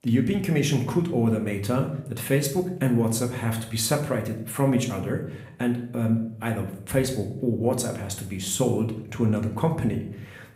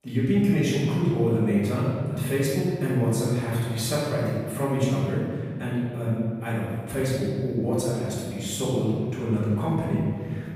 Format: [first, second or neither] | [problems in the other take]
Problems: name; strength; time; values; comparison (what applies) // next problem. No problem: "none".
first | room echo; strong; dies away in 2 s; slight in the first // off-mic speech; far; somewhat distant in the first